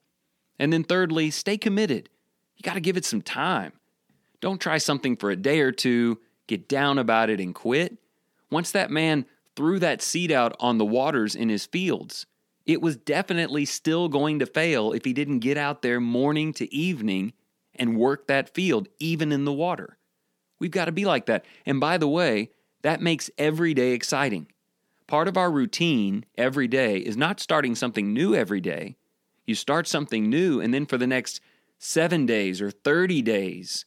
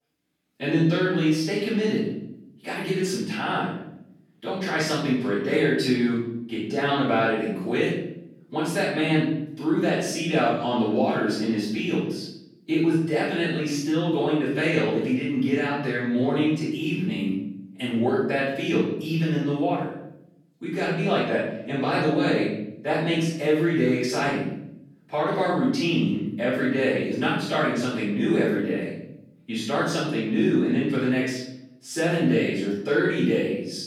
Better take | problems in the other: first | off-mic speech; far // room echo; noticeable; dies away in 0.9 s

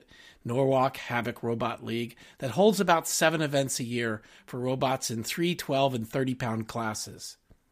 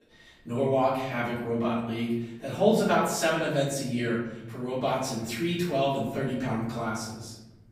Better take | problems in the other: first | room echo; noticeable; dies away in 1 s // off-mic speech; far

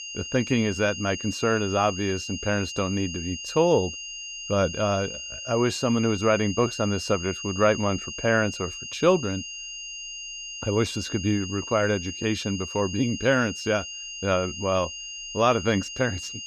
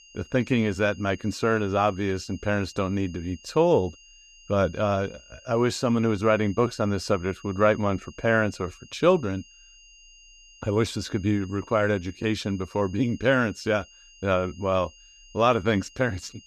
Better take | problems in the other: second | high-pitched whine; loud; throughout; 3 kHz, 8 dB below the speech; faint in the second

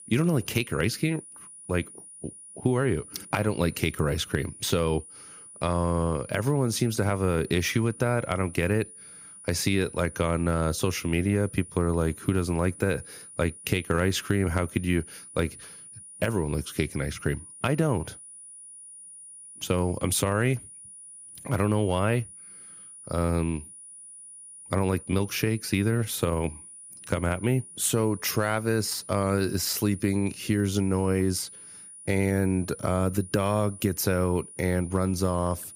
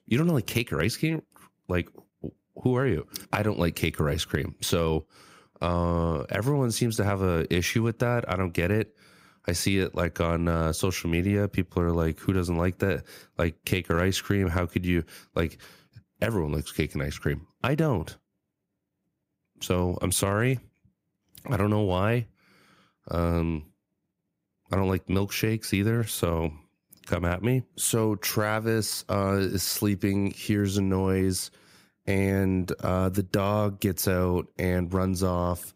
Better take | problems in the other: second | high-pitched whine; noticeable; throughout; 9.5 kHz, 15 dB below the speech

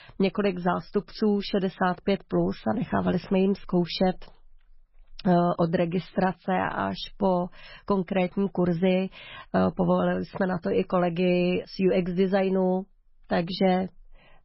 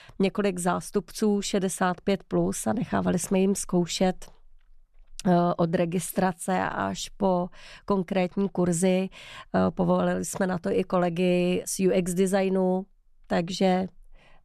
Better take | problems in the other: second | garbled, watery; badly; nothing above 5.5 kHz

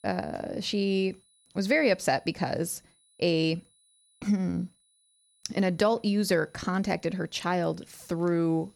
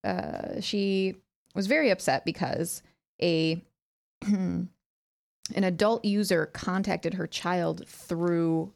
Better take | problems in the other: second | high-pitched whine; faint; throughout; 10 kHz, 35 dB below the speech

